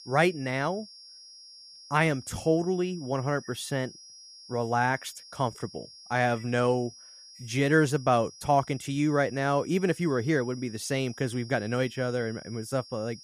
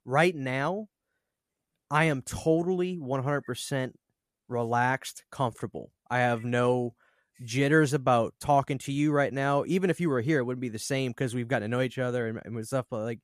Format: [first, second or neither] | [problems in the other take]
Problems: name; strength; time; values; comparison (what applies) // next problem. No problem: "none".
second | high-pitched whine; noticeable; throughout; 5.5 kHz, 20 dB below the speech